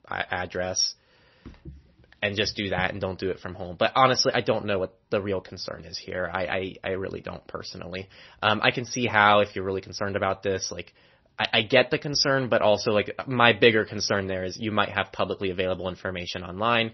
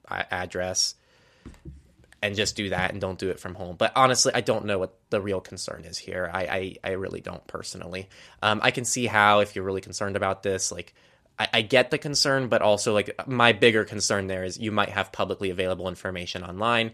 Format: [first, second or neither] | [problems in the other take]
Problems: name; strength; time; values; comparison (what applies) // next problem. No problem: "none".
second | garbled, watery; slightly; nothing above 6 kHz